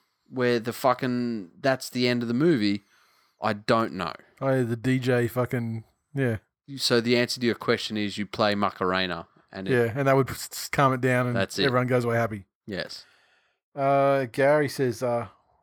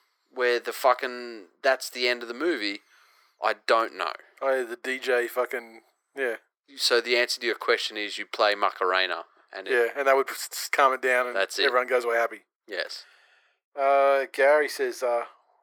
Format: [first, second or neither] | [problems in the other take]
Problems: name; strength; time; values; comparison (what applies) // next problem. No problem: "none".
first | thin; very; fading below 400 Hz